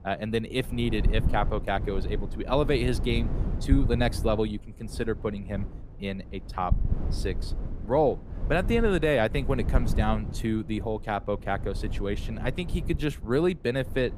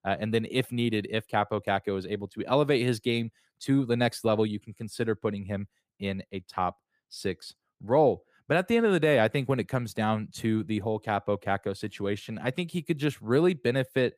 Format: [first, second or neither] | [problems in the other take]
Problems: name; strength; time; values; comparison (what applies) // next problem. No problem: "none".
second | low rumble; noticeable; throughout; 15 dB below the speech